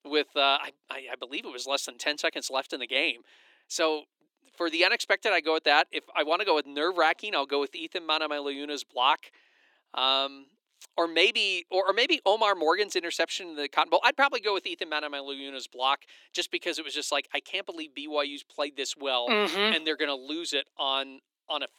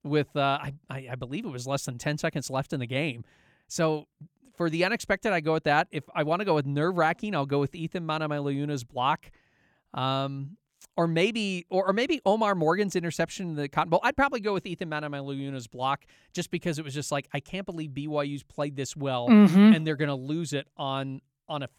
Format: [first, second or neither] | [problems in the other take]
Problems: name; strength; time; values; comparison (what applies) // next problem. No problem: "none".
second | thin; very; fading below 300 Hz